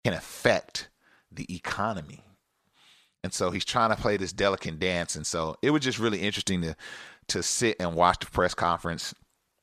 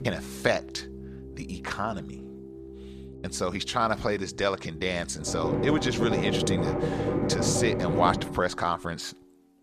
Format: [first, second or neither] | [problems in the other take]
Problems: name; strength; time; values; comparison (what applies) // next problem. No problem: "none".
first | background music; loud; throughout; 2 dB below the speech